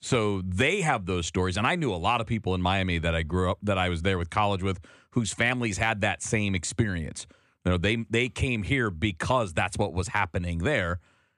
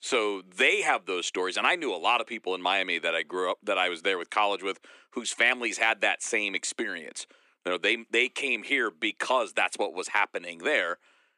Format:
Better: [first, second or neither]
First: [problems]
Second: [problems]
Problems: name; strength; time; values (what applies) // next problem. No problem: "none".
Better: first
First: none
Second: thin; very; fading below 300 Hz